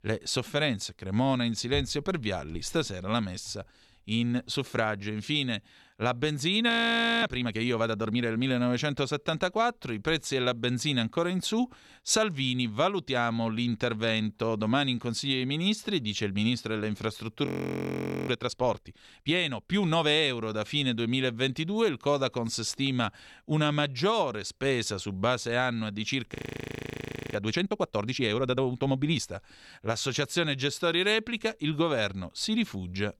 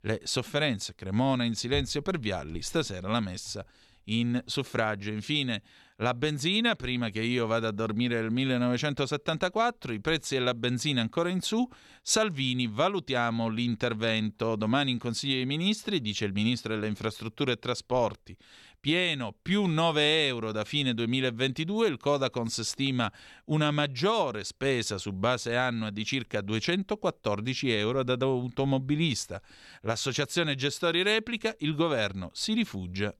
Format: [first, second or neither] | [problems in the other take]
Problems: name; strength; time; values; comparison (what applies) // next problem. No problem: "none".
second | audio freezing; at 6.5 s for 0.5 s, at 17 s for 1 s and at 26 s for 1 s